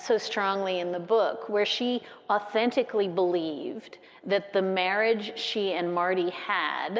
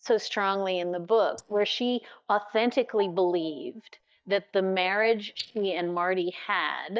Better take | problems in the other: first | noise reduction (neural mask model DeepFilterNet 3)

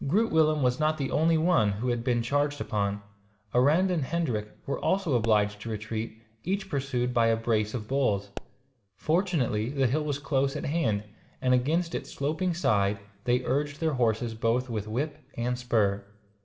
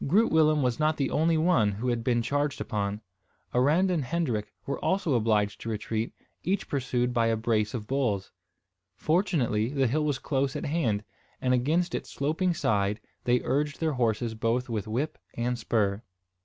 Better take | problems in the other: second | background sound (Explosion); 17 dB below the speech // room echo; dies away in 0.6 s

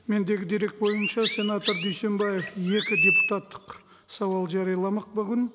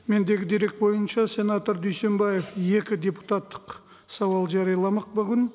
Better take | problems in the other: second | background sound (Chirp, tweet); 2 dB below the speech

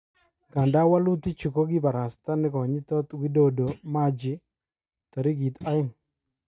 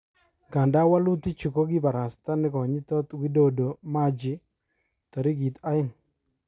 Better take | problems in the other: second | noise reduction (neural mask model RNNoise)

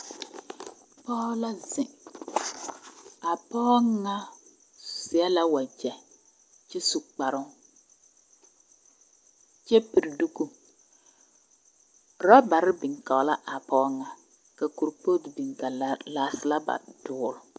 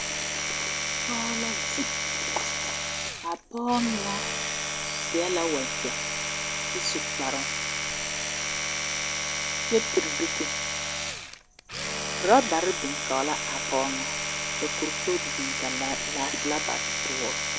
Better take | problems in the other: first | background sound (Domestic sounds, home sounds); 2 dB above the speech

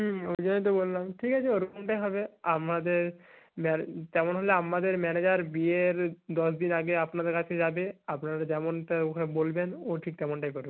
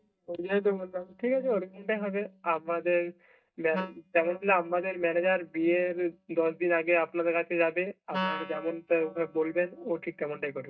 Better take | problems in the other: first | noise reduction (neural mask model DeepFilterNet 3)

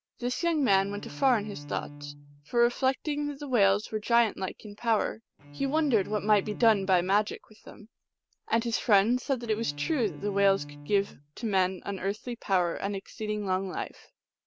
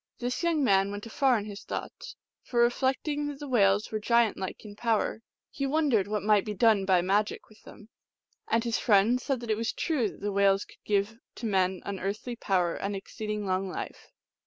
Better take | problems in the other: second | background sound (Bowed string instrument); 18 dB below the speech

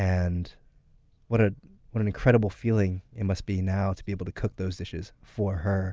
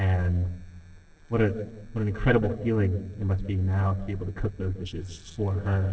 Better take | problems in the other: first | noise reduction (neural separator model SepFormer DNS4)

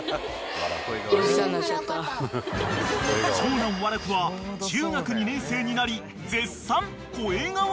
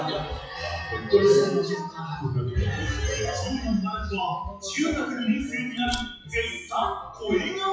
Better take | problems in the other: first | noise reduction (classical method WPE with log-MMSE)

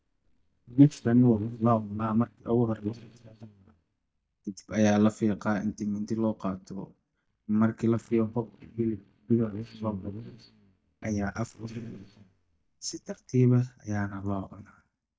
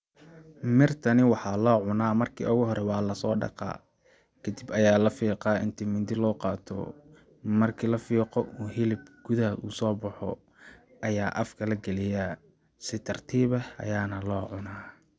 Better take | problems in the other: second | noise reduction (neural mask model DeepFilterNet 3)

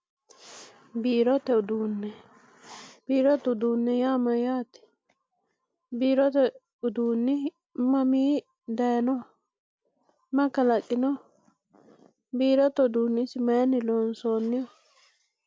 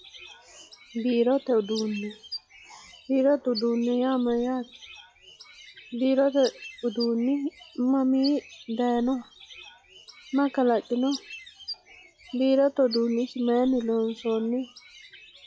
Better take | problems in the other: first | noise reduction (classical method log-MMSE)

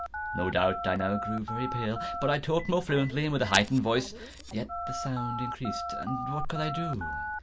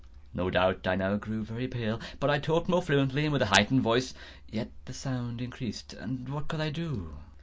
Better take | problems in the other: second | background sound (Telephone); 7 dB below the speech

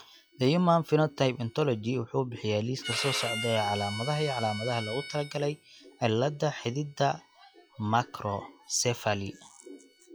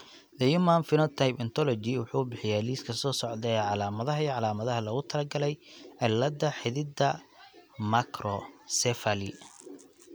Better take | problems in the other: second | noise reduction (classical method log-MMSE)

